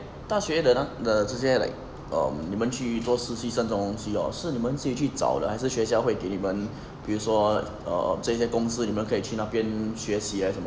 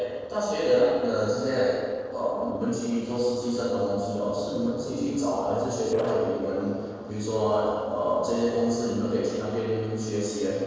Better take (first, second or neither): first